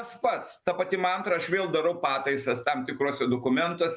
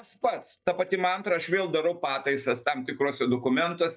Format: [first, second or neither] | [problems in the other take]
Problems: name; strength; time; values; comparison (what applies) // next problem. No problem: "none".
first | noise reduction (neural mask model DeepFilterNet 3)